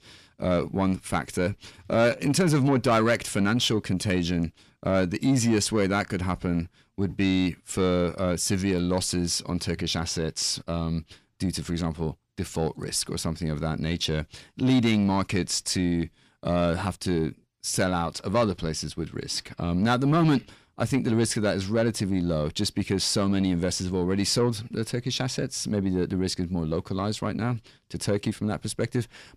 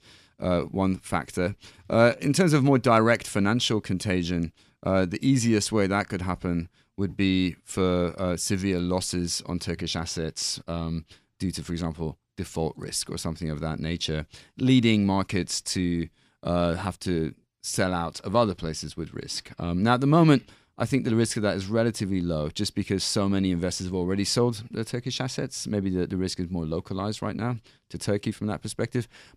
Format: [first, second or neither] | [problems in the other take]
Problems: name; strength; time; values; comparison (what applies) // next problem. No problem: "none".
second | distortion; slight; 10 dB below the speech